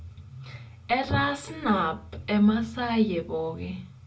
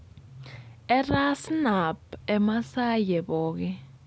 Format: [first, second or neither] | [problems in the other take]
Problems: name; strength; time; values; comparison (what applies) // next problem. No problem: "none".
second | room echo; dies away in 0.2 s